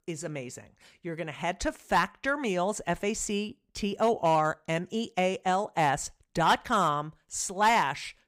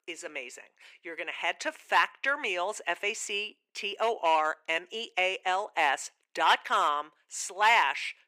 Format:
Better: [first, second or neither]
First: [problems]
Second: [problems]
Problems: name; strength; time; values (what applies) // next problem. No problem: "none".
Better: first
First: none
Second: thin; very; fading below 350 Hz